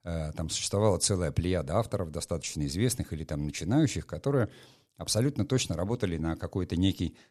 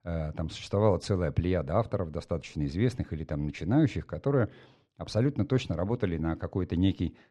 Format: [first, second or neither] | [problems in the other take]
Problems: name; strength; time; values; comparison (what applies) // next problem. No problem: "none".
first | muffled; slightly; fading above 2.5 kHz